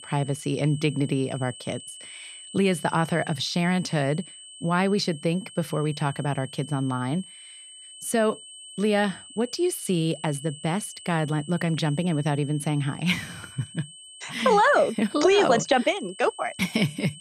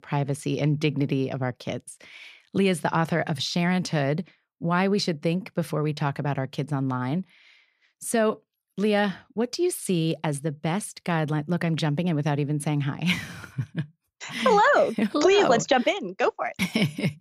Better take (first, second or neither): second